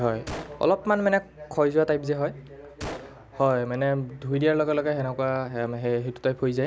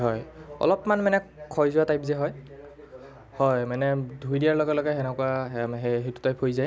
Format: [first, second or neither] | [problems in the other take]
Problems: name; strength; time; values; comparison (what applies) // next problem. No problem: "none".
second | background sound (Gunshot, gunfire); 17 dB below the speech